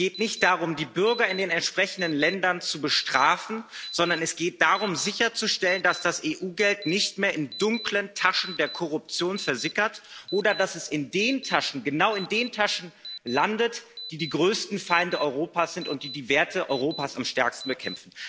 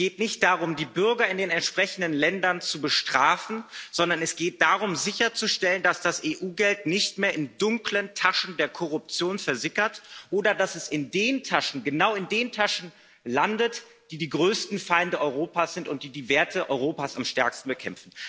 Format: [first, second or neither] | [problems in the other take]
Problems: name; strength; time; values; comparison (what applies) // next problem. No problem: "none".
second | background sound (Alarm); 16 dB below the speech